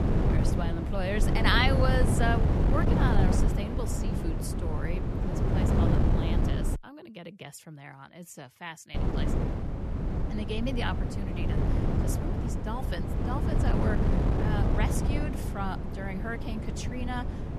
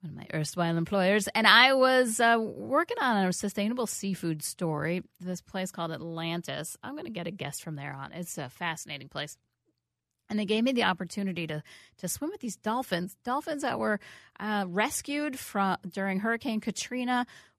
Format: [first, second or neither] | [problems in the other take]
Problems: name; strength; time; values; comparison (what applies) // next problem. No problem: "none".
second | wind noise on the microphone; heavy; until 7 s and from 9 s on; 2 dB below the speech